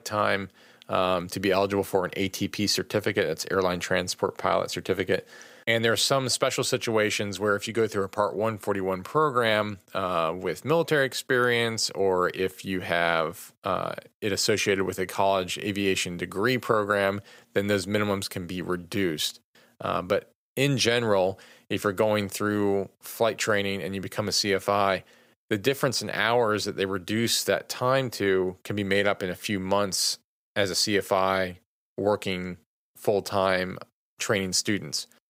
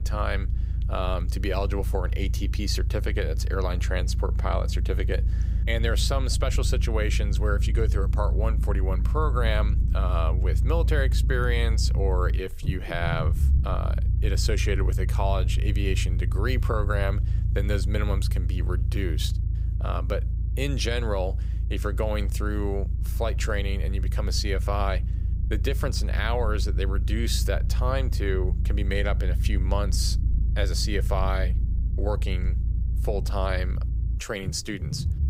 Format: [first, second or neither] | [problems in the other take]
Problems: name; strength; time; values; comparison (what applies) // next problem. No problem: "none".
first | low rumble; noticeable; throughout; 15 dB below the speech